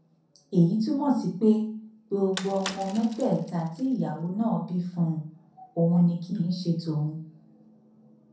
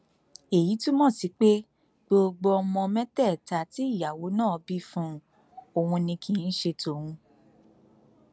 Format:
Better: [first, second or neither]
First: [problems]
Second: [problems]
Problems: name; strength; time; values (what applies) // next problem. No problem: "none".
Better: second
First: background sound (Bicycle); 15 dB below the speech // room echo; dies away in 0.5 s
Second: none